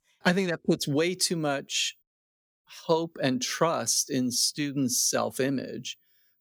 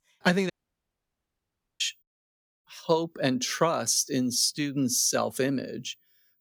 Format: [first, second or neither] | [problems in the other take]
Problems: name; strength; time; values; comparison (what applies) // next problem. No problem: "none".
first | audio cutting out; at 0.5 s for 1.5 s